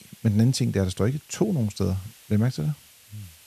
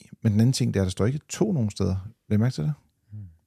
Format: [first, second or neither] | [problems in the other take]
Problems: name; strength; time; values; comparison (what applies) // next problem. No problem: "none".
second | hiss; faint; throughout; 25 dB below the speech